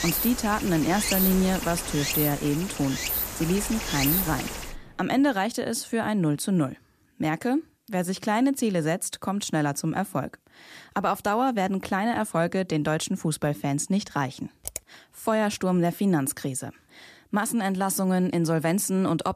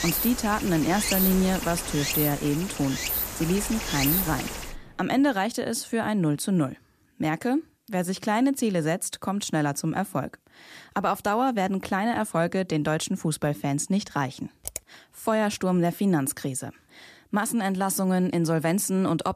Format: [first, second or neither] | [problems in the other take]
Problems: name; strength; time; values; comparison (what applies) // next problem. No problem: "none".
neither | rain or running water; loud; until 5 s; 2 dB below the speech; the same in both